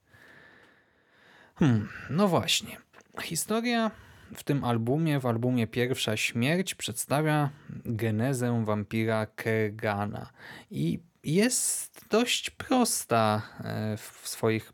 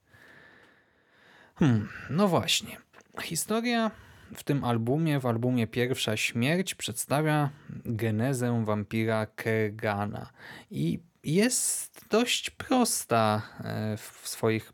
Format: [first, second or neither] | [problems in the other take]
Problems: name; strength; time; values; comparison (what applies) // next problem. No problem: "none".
neither | none